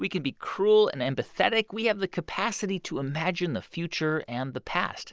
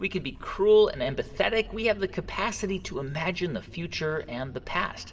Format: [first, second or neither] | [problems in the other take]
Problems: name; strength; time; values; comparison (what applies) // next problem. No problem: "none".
first | background sound (Engine starting / Motor vehicle (road)); 18 dB below the speech // room echo; dies away in 1.9 s